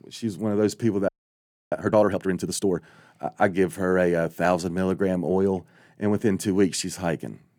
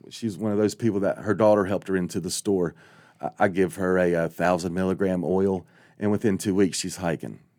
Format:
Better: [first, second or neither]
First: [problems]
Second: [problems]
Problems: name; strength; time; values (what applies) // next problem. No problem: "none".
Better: second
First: audio freezing; at 1 s for 0.5 s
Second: none